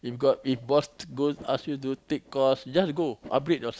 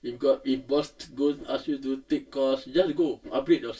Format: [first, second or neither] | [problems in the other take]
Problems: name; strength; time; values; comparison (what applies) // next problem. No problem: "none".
first | room echo; dies away in 0.2 s